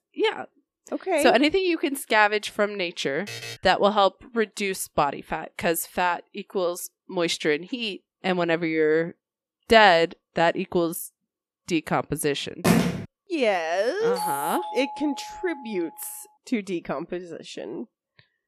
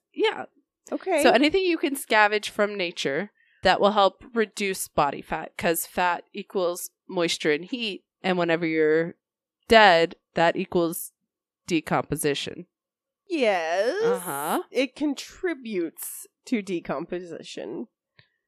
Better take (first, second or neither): second